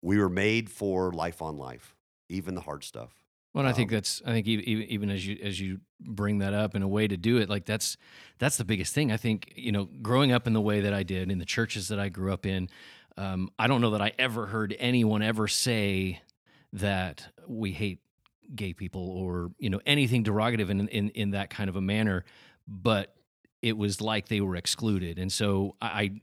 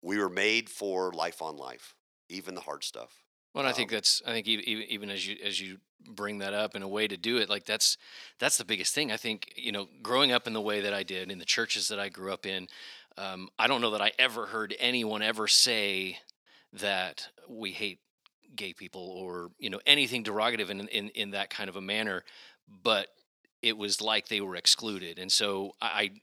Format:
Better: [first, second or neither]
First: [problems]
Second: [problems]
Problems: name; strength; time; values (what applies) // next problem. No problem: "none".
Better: first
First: none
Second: thin; somewhat; fading below 400 Hz